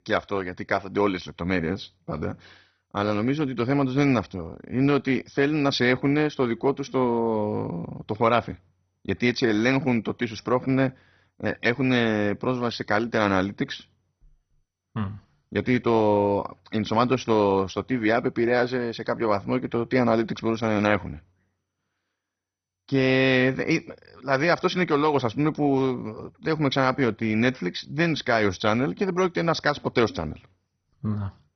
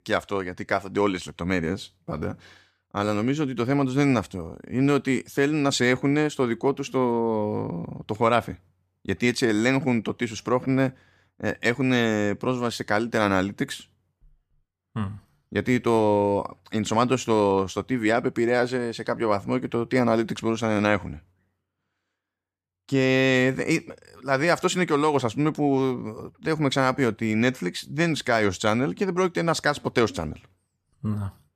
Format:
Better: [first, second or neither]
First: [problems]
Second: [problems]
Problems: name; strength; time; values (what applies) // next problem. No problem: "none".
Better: second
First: garbled, watery; badly; nothing above 6 kHz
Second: none